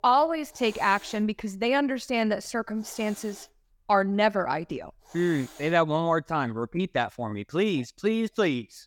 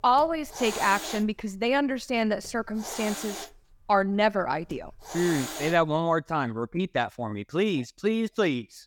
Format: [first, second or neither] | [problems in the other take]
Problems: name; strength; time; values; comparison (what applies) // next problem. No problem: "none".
first | hiss; loud; until 6 s; 9 dB below the speech; faint in the first